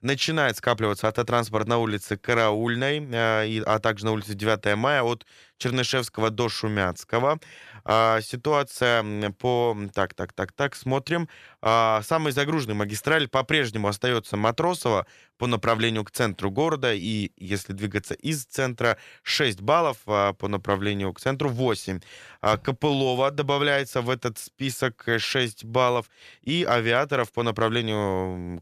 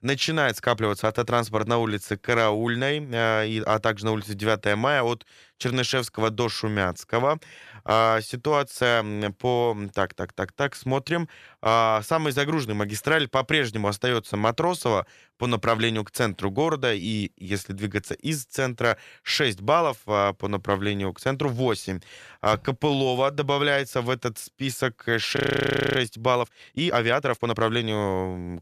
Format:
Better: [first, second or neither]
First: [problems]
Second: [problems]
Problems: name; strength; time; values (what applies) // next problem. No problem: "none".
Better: first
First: none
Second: audio freezing; at 25 s for 0.5 s